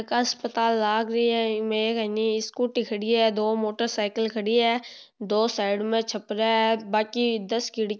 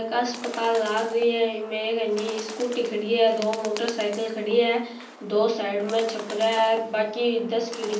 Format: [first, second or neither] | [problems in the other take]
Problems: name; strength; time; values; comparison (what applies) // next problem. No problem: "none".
first | background sound (Bird); 16 dB below the speech // room echo; dies away in 0.6 s